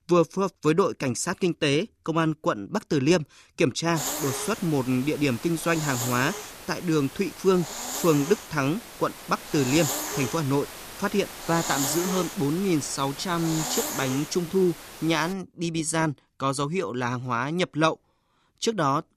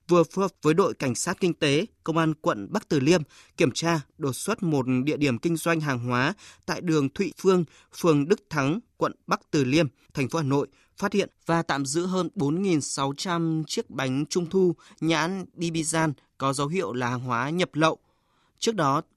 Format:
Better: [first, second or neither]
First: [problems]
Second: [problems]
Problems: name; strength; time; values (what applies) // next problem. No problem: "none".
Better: second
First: hiss; loud; from 4 to 15 s; 7 dB below the speech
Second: none